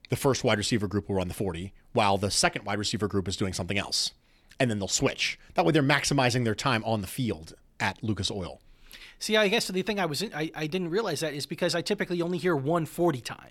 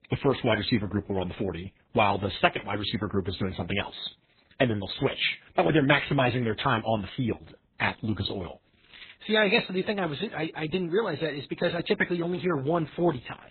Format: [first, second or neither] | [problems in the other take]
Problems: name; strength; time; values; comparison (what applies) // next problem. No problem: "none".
first | garbled, watery; badly; nothing above 4 kHz